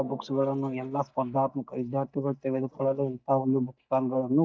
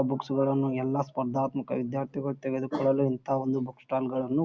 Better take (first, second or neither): second